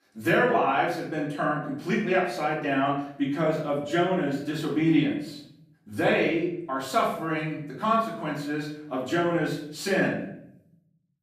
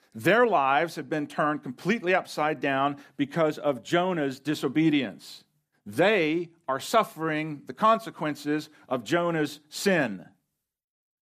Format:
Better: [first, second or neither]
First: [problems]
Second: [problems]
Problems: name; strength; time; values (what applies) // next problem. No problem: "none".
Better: second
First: off-mic speech; far // room echo; noticeable; dies away in 0.7 s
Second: none